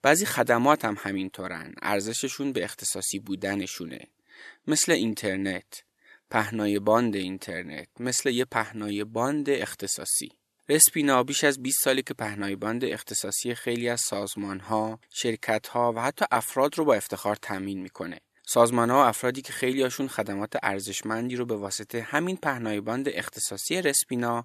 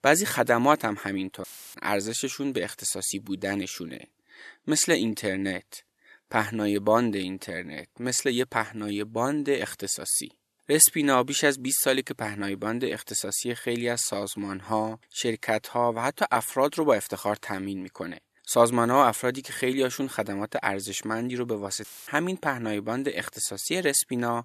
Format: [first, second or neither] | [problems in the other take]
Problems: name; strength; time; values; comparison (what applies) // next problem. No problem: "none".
first | audio cutting out; filled with static; at 1.5 s and at 22 s